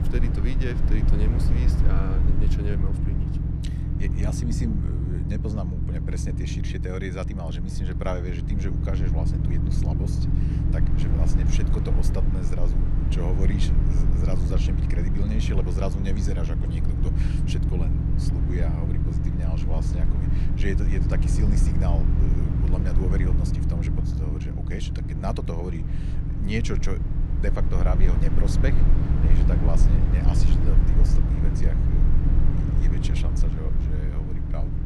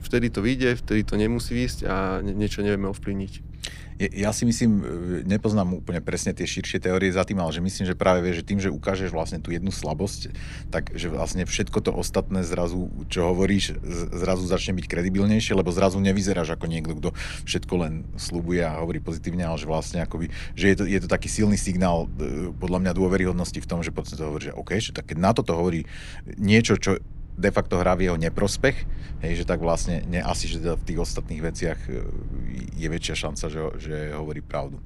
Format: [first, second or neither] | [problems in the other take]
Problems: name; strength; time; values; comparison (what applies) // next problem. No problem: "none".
second | low rumble; loud; throughout; as loud as the speech; faint in the second